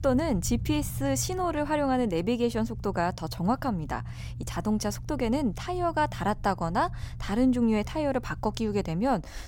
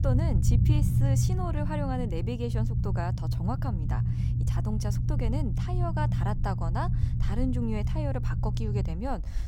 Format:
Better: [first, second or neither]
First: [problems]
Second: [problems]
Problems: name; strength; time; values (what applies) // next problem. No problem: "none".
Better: first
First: low rumble; faint; throughout; 25 dB below the speech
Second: low rumble; loud; throughout; 5 dB below the speech